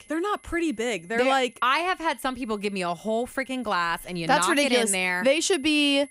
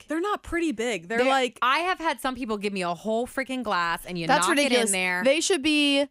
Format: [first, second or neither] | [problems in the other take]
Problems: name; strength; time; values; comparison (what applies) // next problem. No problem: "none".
second | high-pitched whine; faint; throughout; 2 kHz, 30 dB below the speech